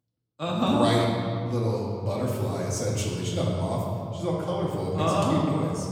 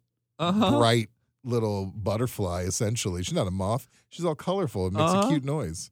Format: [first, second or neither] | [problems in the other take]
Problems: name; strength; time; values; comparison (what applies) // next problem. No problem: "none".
second | room echo; noticeable; dies away in 2.4 s // off-mic speech; far